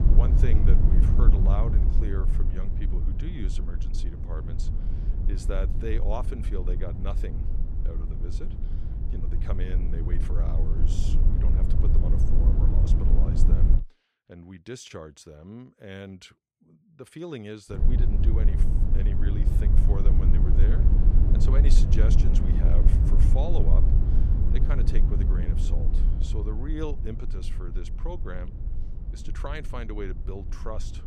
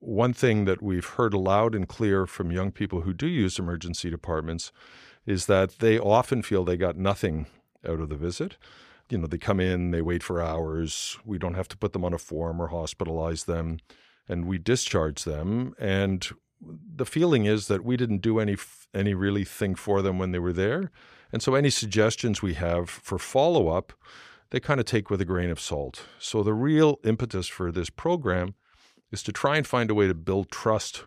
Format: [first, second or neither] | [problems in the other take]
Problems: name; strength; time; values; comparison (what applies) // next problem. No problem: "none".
second | low rumble; loud; until 14 s and from 18 s on; 1 dB below the speech